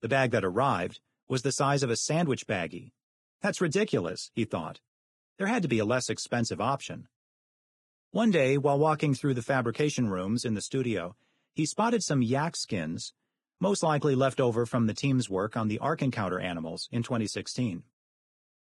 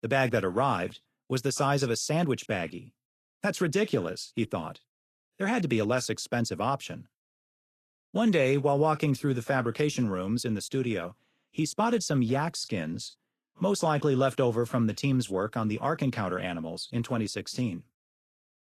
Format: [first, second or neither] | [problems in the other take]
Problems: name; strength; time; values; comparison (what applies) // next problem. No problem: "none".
second | garbled, watery; badly; nothing above 10 kHz; slightly in the second